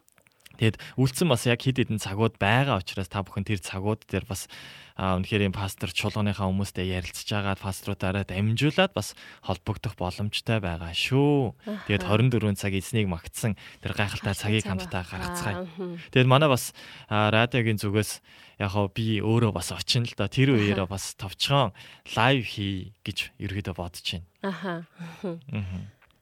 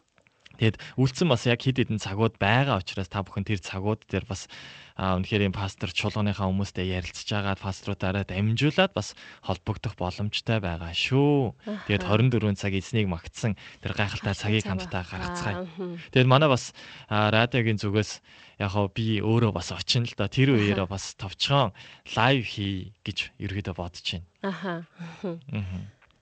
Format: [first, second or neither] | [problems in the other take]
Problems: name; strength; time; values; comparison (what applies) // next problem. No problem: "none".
first | garbled, watery; slightly; nothing above 8 kHz